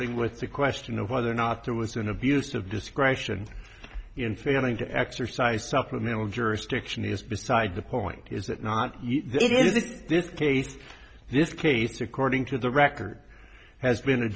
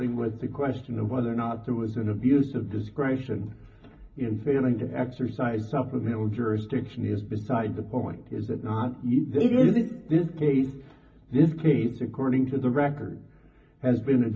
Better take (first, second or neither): first